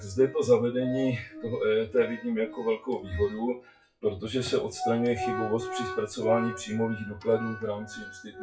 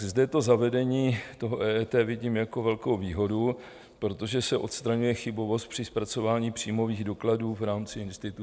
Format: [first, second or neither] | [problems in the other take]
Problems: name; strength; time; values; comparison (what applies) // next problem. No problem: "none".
second | noise reduction (classical method WPE with log-MMSE)